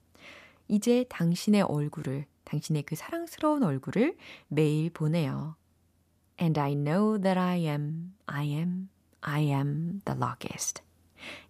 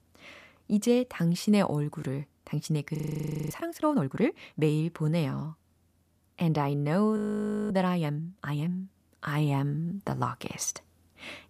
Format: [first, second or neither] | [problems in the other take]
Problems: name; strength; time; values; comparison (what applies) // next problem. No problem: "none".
first | audio freezing; at 3 s for 0.5 s and at 7 s for 0.5 s